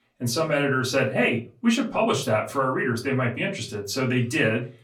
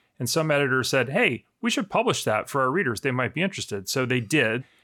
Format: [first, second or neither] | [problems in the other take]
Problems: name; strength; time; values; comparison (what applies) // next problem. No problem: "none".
second | off-mic speech; far // room echo; very slight; dies away in 0.3 s